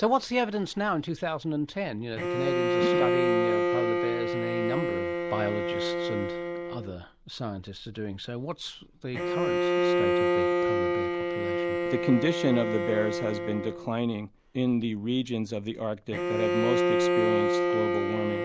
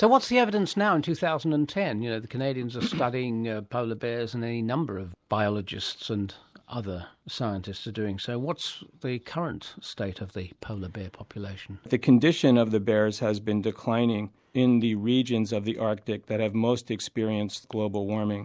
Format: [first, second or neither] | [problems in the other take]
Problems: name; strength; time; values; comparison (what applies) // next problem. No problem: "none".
second | background sound (Bowed string instrument); 2 dB above the speech